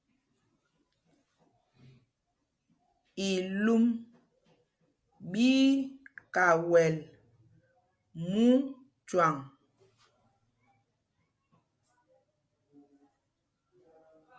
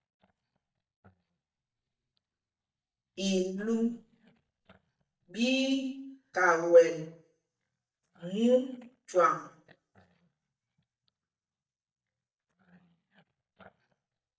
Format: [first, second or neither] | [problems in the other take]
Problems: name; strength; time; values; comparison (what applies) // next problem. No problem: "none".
first | noise reduction (neural mask model DeepFilterNet 3)